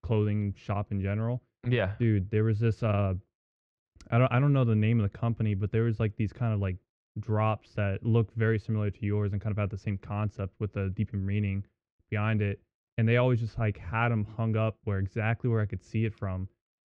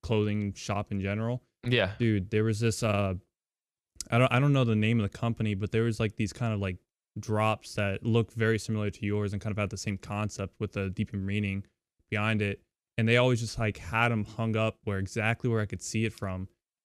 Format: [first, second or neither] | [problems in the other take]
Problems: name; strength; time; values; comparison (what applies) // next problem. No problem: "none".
second | muffled; very; fading above 2 kHz